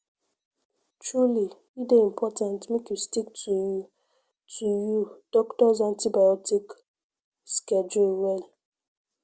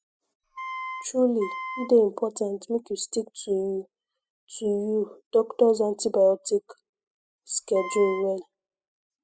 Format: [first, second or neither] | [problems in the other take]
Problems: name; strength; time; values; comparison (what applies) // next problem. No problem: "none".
first | noise reduction (classical method spectral subtraction)